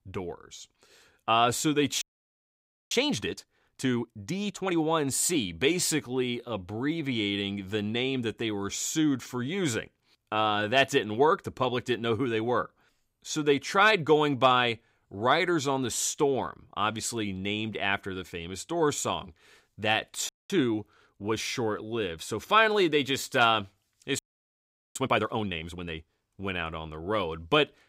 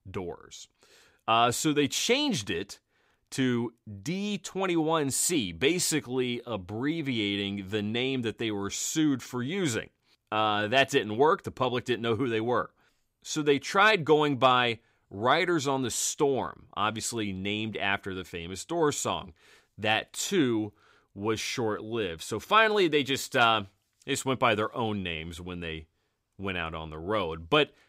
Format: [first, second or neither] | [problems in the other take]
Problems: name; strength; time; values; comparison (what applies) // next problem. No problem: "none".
second | audio freezing; at 2 s for 1 s, at 20 s and at 24 s for 1 s